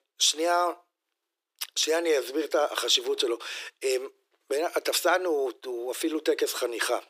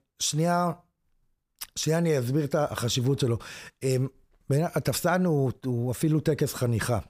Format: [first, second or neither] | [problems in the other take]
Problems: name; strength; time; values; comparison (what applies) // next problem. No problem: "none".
second | thin; very; fading below 350 Hz